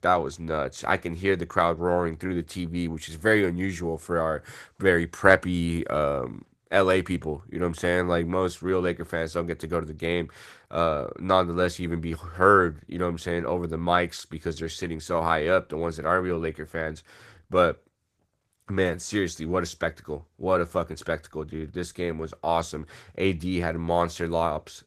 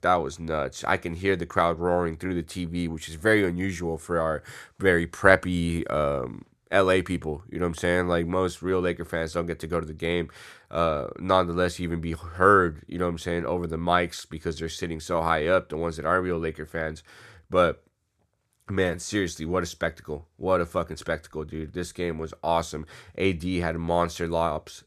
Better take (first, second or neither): second